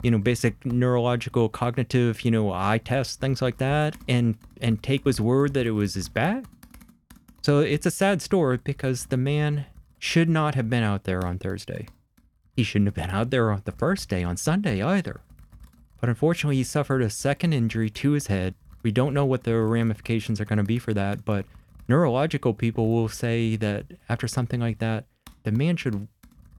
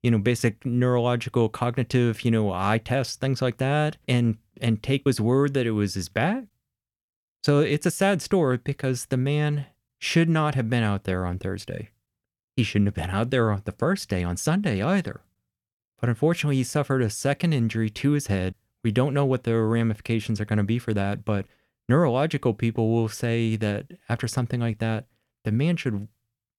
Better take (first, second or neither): second